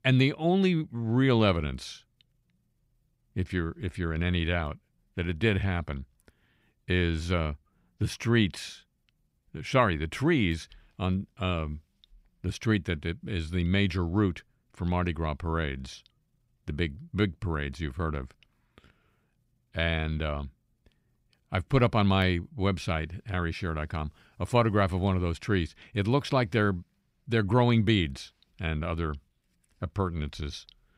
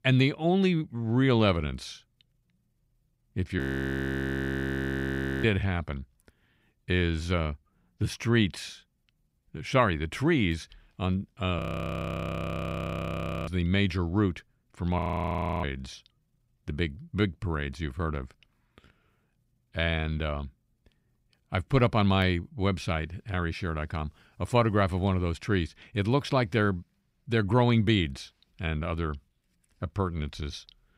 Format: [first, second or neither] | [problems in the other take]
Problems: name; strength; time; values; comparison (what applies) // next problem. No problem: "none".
first | audio freezing; at 3.5 s for 2 s, at 12 s for 2 s and at 15 s for 0.5 s